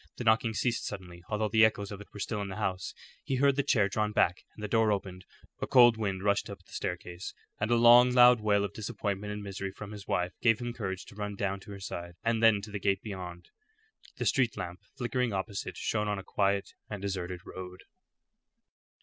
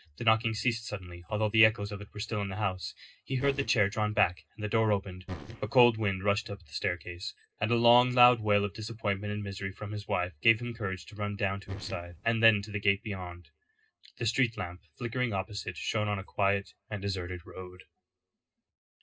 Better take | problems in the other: first | noise reduction (neural separator model SepFormer DNS4)

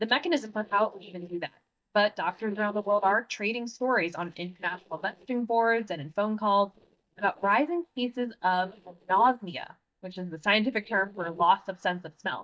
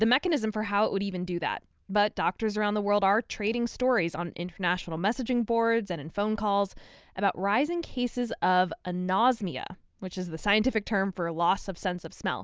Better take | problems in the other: second | noise reduction (neural mask model DeepFilterNet 3)

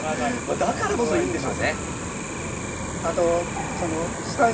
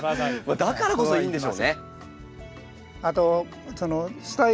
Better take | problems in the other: second | background sound (Cricket); 4 dB below the speech // room echo; dies away in 0.4 s

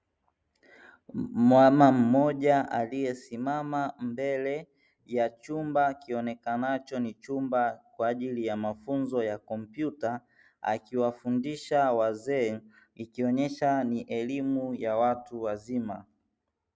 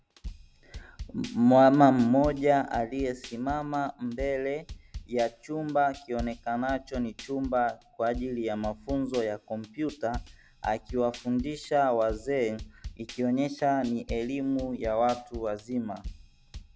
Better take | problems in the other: first | background sound (Drum kit); 16 dB below the speech

